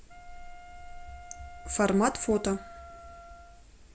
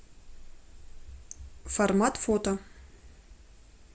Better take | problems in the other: second | background sound (Wind instrument, woodwind instrument); 17 dB below the speech

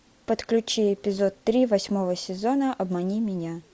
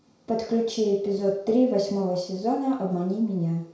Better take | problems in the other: first | room echo; dies away in 0.5 s

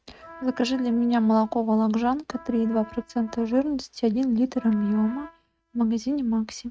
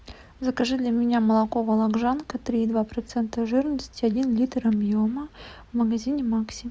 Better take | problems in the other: second | noise reduction (neural mask model RNNoise)

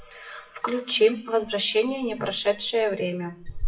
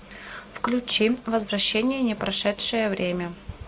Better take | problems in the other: second | noise reduction (classical method WPE with log-MMSE)

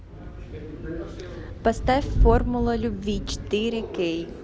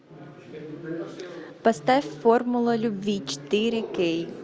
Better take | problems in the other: second | background sound (Thunder / Rain); 2 dB below the speech

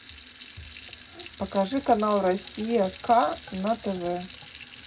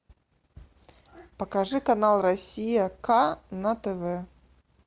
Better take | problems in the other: second | background sound (Sink (filling or washing) / Water tap, faucet); 18 dB below the speech // room echo; dies away in 0.2 s

